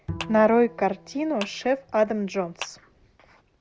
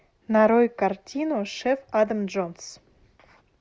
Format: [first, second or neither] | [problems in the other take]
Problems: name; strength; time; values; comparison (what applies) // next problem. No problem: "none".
second | background sound (Clapping + Bowed string instrument); 15 dB below the speech